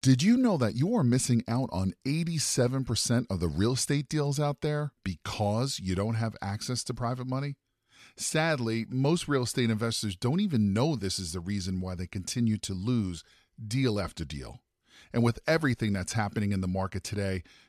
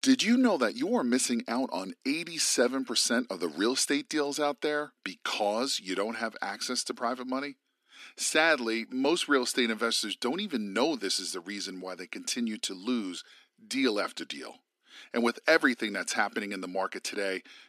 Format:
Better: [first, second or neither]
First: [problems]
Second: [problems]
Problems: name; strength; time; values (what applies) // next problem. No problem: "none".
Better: first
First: none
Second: thin; somewhat; fading below 250 Hz